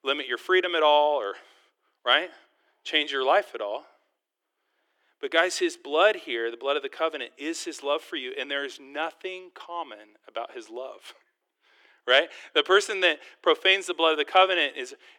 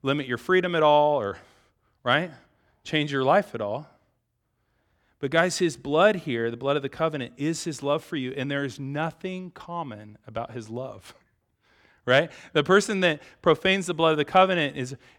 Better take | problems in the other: second | thin; very; fading below 350 Hz

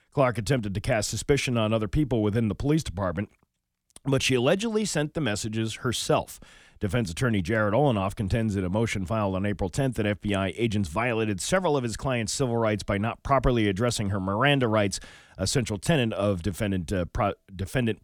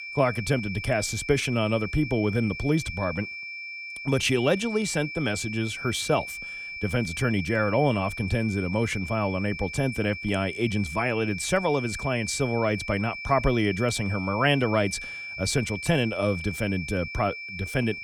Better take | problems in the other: first | high-pitched whine; loud; throughout; 2.5 kHz, 8 dB below the speech

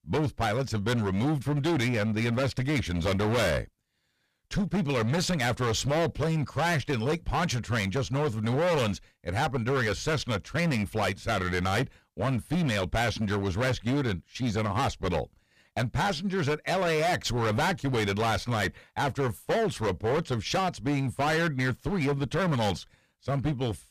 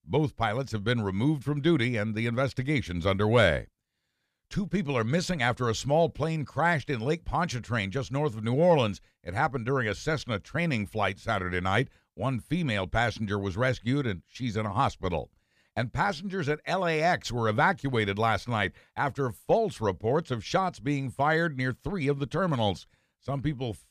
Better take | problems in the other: second | distortion; heavy; 21% of the sound clipped

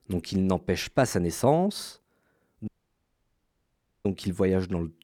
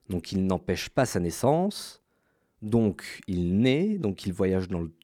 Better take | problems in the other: second | audio cutting out; at 2.5 s for 1.5 s

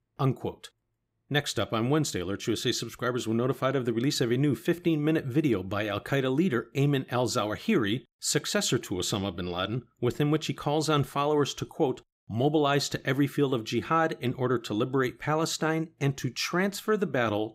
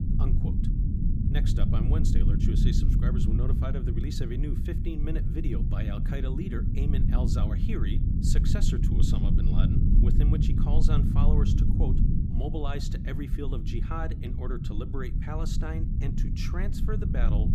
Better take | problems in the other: first | low rumble; loud; throughout; as loud as the speech

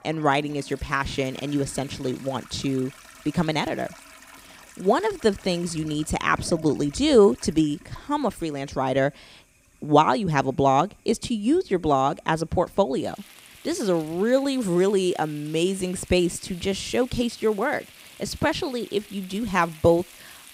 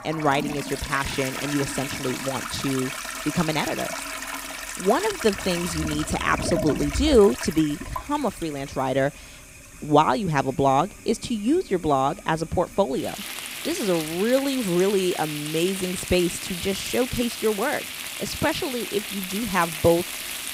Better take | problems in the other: first | household noises; loud; throughout; 7 dB below the speech; faint in the first

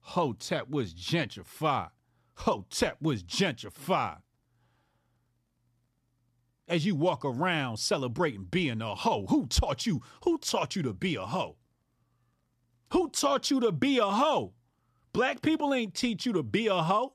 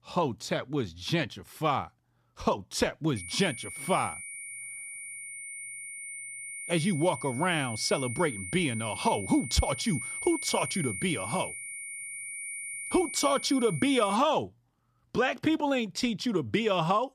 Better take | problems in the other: first | high-pitched whine; loud; from 3 to 14 s; 2 kHz, 8 dB below the speech

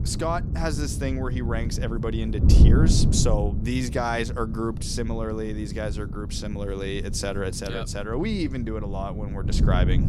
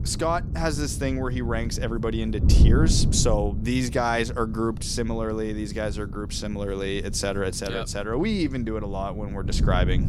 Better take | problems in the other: second | wind noise on the microphone; heavy; 8 dB below the speech; occasional gusts in the second

